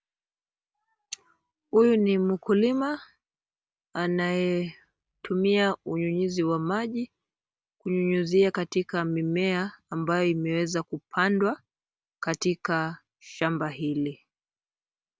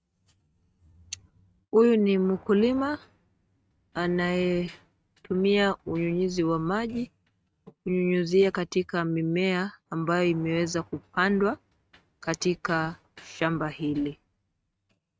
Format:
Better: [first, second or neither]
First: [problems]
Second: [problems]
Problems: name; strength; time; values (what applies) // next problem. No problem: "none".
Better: first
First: none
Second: noise reduction (neural mask model RNNoise)